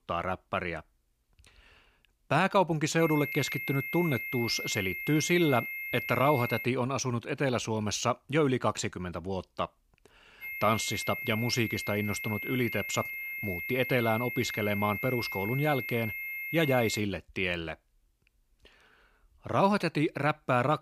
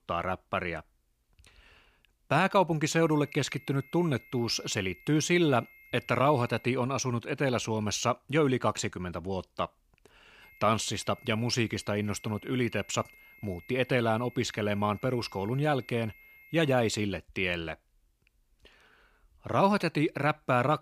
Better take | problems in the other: second | high-pitched whine; loud; from 3 to 6.5 s and from 10 to 17 s; 2 kHz, 6 dB below the speech; faint in the second

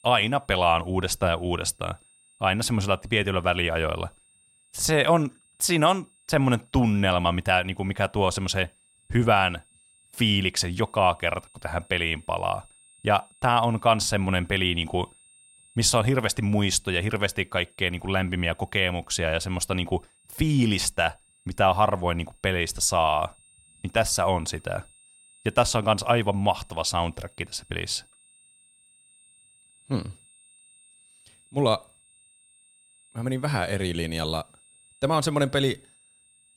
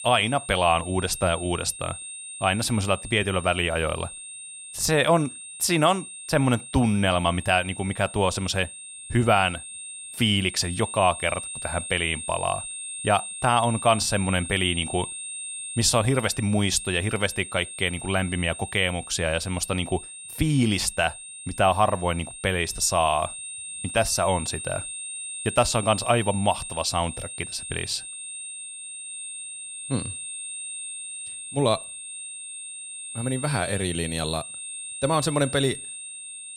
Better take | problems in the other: first | high-pitched whine; loud; throughout; 8.5 kHz, 10 dB below the speech; faint in the first

